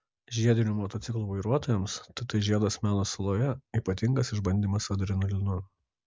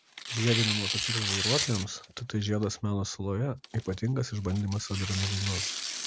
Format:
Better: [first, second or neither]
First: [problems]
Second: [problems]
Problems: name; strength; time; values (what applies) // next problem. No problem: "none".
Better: first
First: none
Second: background sound (Tearing); 4 dB below the speech